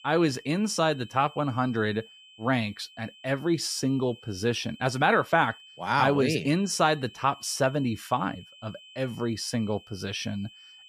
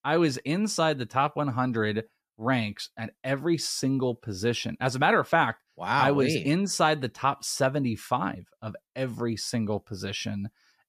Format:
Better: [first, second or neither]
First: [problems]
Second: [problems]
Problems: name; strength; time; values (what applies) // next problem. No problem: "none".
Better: second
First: high-pitched whine; faint; throughout; 3 kHz, 20 dB below the speech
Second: none